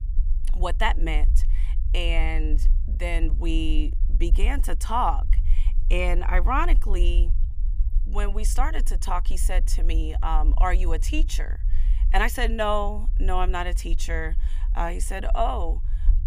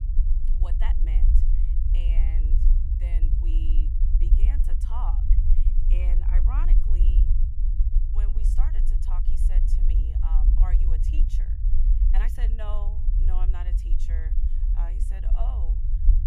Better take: first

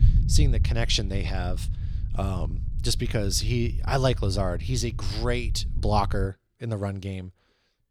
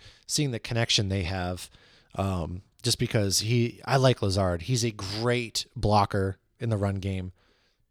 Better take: second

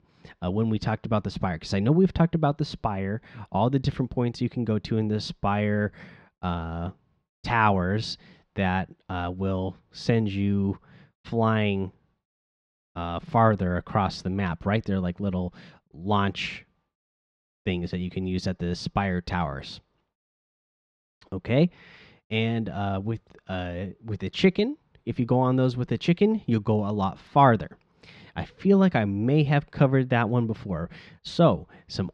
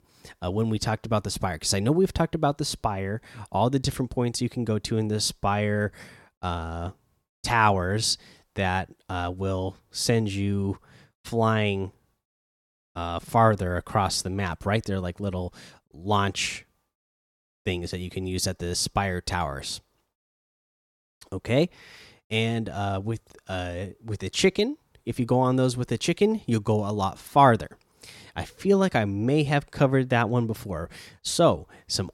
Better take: second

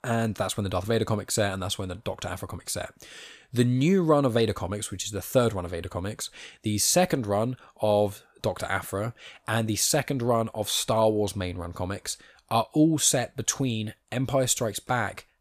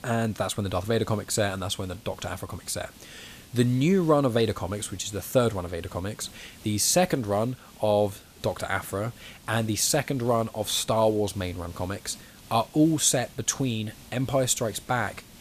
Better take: first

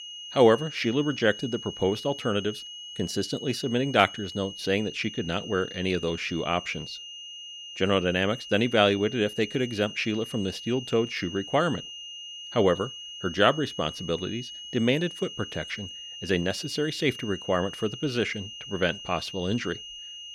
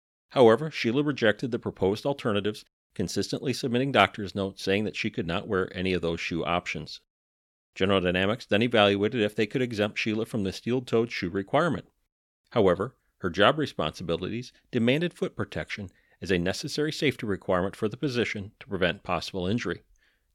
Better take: second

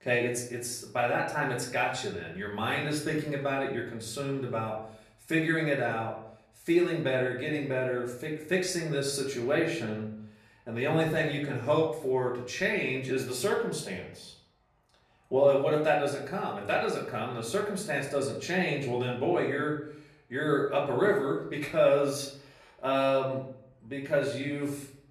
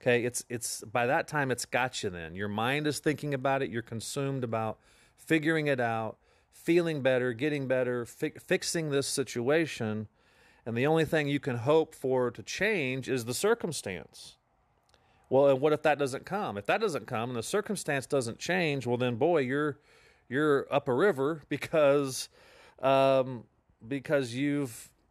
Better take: second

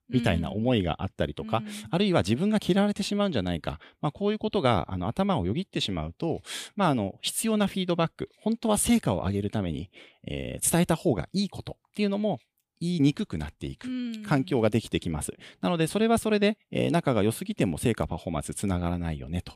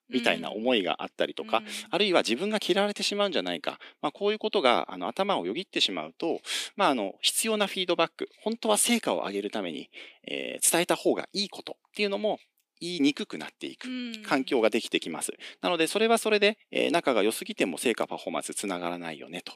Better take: first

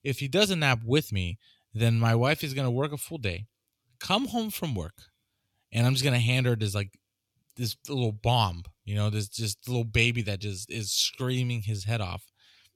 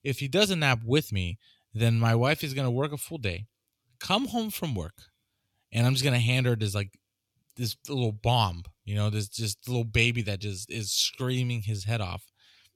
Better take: neither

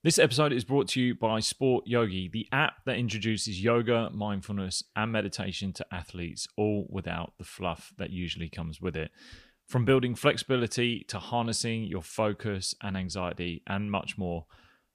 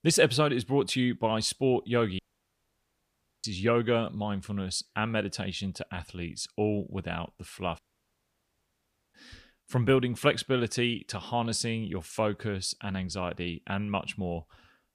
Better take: first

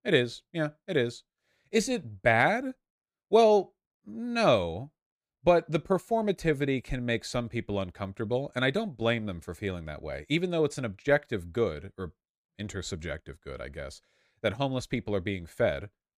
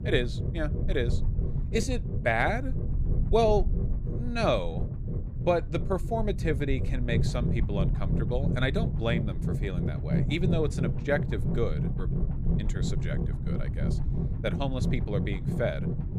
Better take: first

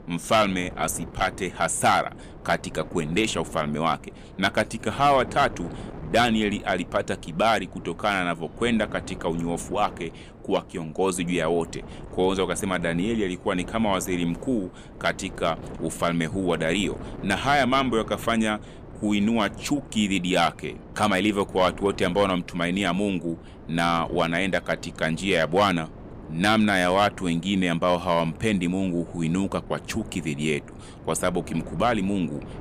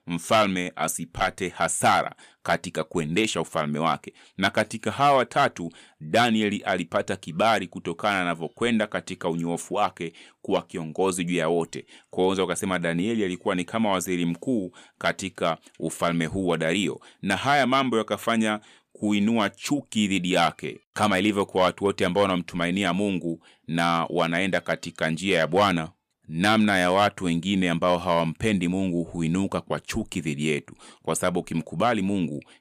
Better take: second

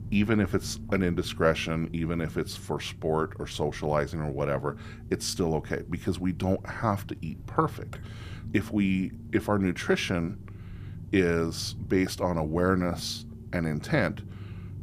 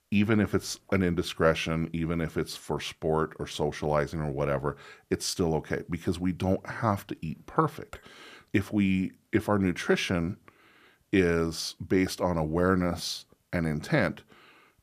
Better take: second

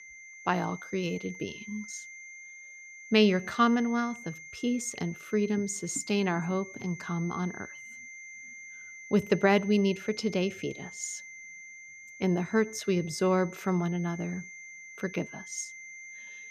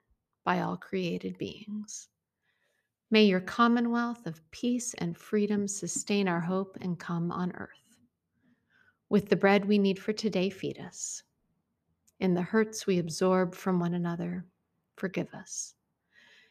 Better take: second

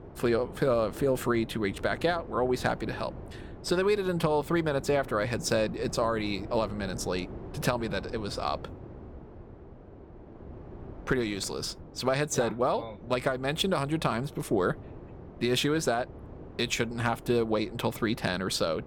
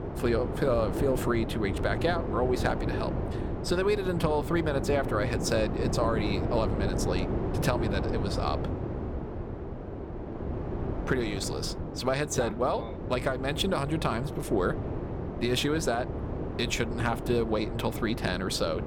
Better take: first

